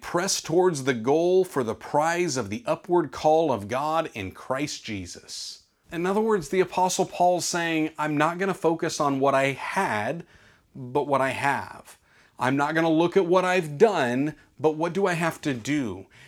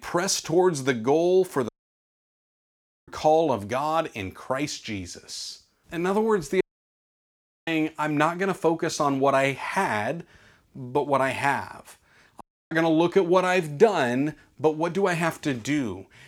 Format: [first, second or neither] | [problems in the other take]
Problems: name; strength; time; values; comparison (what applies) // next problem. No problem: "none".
first | audio cutting out; at 1.5 s for 1.5 s, at 6.5 s for 1 s and at 12 s